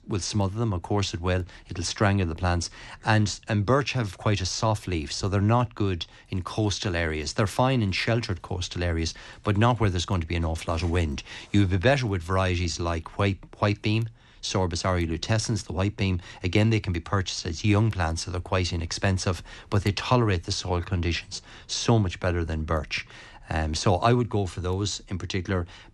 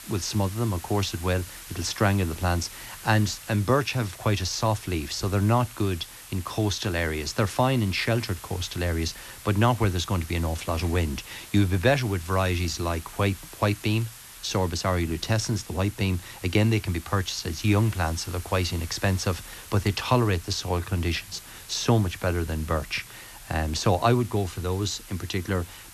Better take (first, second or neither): first